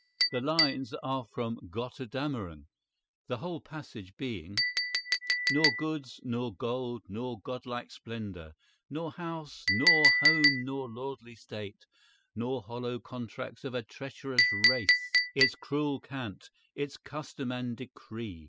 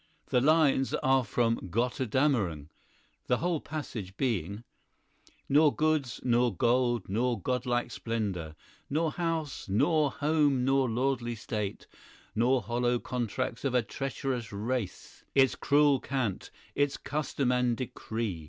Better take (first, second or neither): second